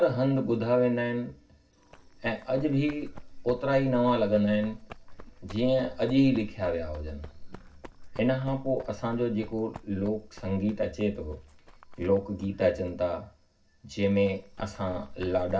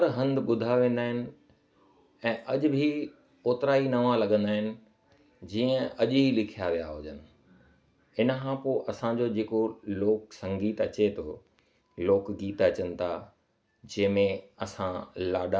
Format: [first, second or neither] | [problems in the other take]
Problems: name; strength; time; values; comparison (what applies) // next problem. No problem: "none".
second | background sound (Run); 16 dB below the speech // room echo; dies away in 0.4 s